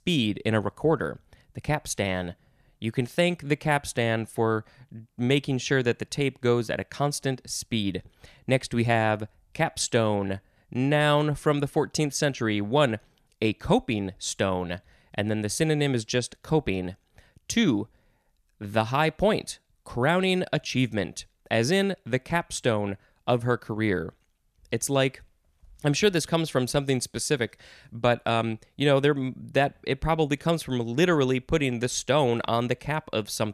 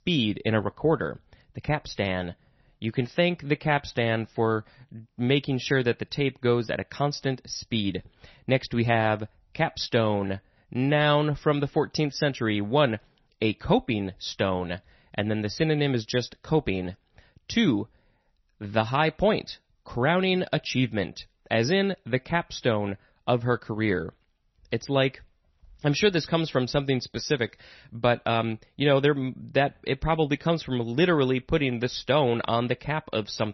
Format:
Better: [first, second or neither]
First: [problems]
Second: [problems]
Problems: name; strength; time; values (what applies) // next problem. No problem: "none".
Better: first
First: none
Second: garbled, watery; slightly; nothing above 6 kHz